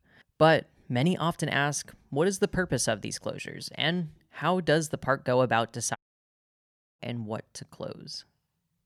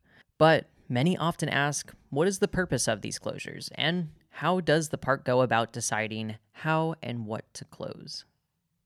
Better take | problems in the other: second | audio cutting out; at 6 s for 1 s

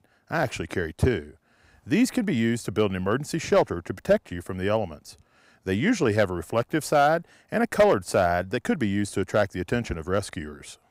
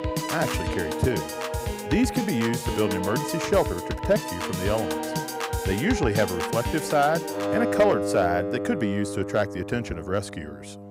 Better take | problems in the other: first | background music; loud; throughout; 3 dB below the speech

